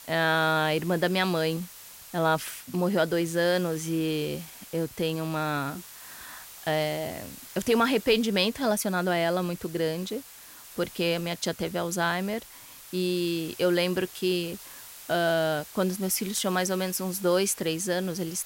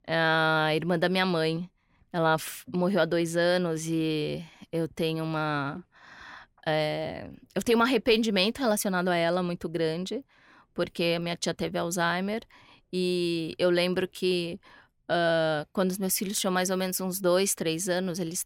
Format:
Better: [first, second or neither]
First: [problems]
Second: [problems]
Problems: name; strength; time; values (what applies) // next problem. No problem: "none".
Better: second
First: hiss; noticeable; throughout; 15 dB below the speech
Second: none